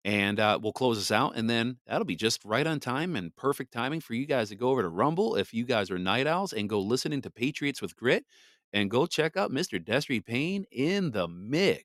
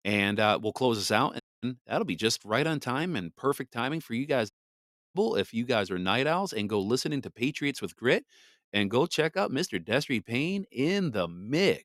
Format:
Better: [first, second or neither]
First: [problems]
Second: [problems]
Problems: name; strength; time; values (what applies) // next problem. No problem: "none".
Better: first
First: none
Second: audio cutting out; at 1.5 s and at 4.5 s for 0.5 s